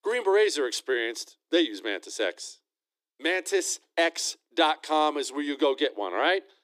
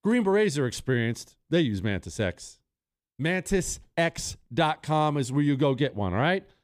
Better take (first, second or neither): second